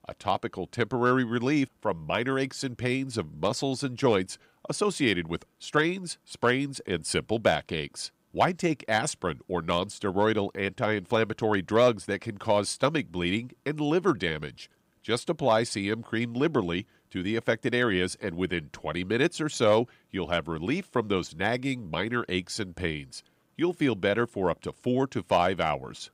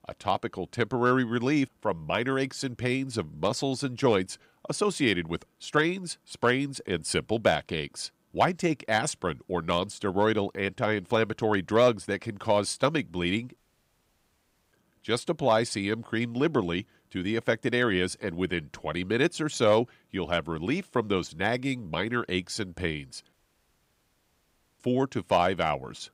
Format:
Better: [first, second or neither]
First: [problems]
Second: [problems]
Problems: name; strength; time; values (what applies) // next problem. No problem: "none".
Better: first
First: none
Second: audio cutting out; at 14 s for 1 s and at 23 s for 1.5 s